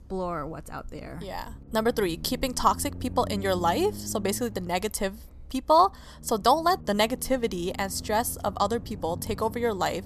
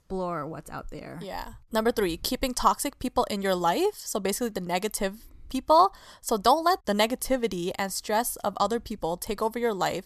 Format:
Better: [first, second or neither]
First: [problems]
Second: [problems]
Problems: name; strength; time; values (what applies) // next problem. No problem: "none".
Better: second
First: low rumble; faint; throughout; 25 dB below the speech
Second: none